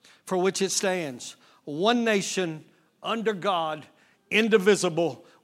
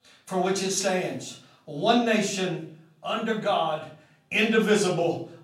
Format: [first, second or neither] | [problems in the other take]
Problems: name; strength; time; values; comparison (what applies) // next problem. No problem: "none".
first | off-mic speech; far // room echo; slight; dies away in 0.4 s